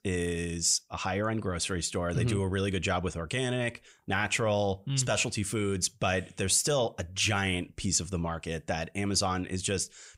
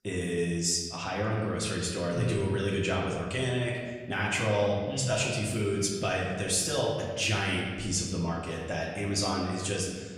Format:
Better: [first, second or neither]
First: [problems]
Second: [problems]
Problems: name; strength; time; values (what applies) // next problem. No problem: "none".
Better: first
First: none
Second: room echo; noticeable; dies away in 1.3 s // off-mic speech; far